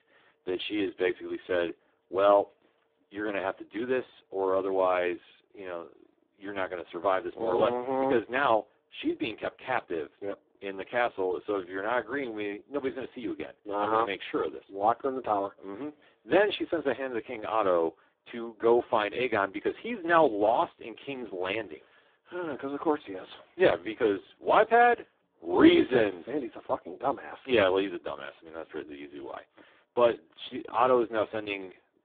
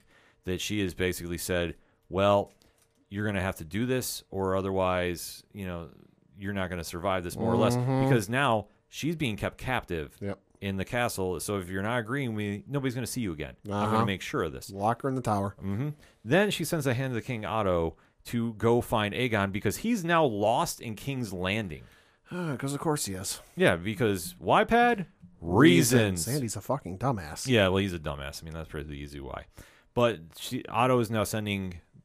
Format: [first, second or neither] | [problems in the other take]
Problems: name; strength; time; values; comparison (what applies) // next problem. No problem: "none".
second | phone-call audio; poor line